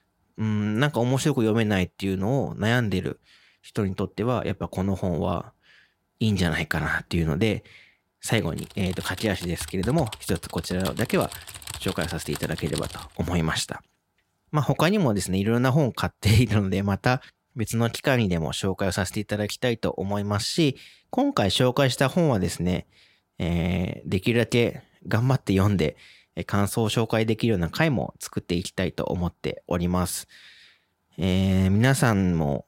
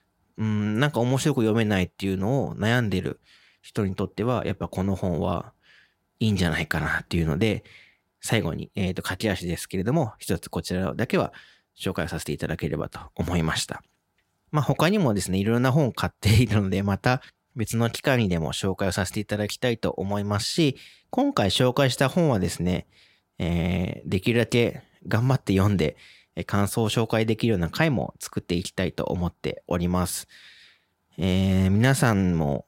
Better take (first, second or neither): second